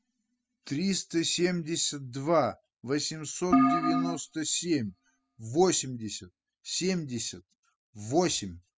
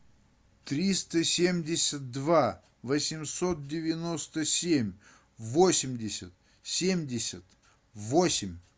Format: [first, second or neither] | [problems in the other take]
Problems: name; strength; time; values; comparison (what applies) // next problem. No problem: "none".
second | noise reduction (classical method spectral subtraction)